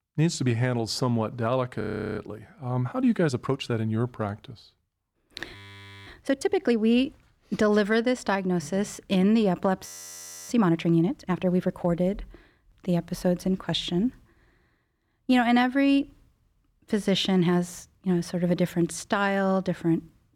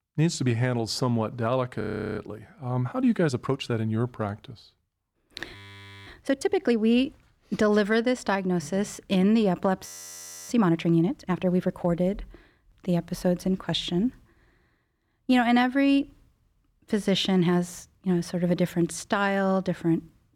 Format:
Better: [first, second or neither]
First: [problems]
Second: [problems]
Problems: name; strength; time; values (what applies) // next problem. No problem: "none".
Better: neither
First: audio freezing; at 2 s, at 5.5 s for 0.5 s and at 10 s for 0.5 s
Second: audio freezing; at 2 s, at 5.5 s for 0.5 s and at 10 s for 0.5 s